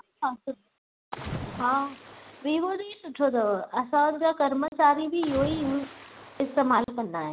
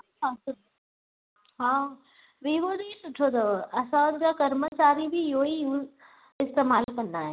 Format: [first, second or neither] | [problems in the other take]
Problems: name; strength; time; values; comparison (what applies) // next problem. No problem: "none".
second | background sound (Splash, splatter); 13 dB below the speech